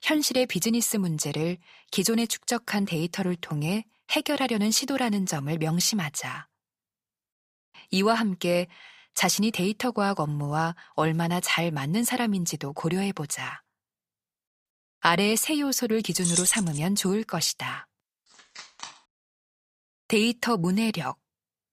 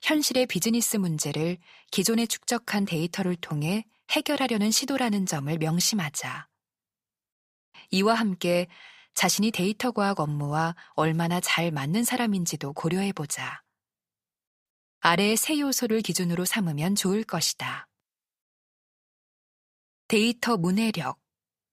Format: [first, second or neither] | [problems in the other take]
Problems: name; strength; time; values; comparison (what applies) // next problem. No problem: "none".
second | jangling keys; loud; at 16 s; peak 3 dB above the speech // phone ringing; faint; at 18 s; peak 15 dB below the speech